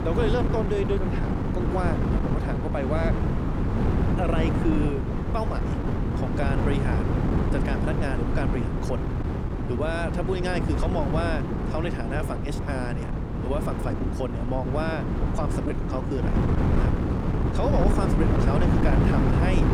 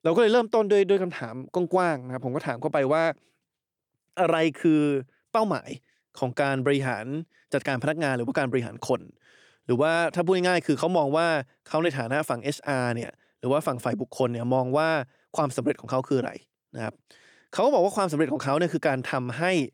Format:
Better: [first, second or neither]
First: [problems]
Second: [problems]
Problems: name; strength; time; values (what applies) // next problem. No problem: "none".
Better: second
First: wind noise on the microphone; heavy; 1 dB below the speech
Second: none